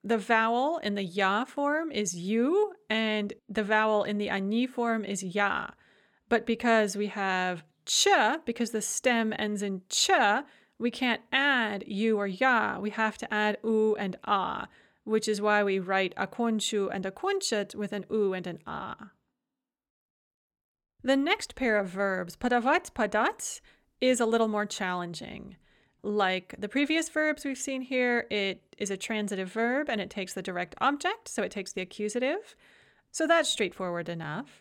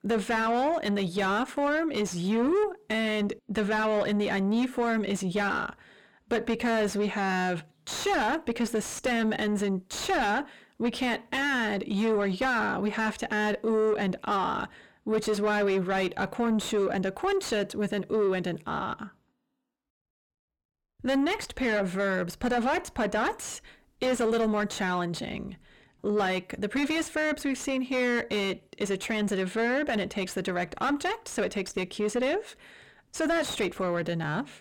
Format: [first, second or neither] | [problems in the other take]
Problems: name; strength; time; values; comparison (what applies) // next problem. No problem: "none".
first | distortion; heavy; 6 dB below the speech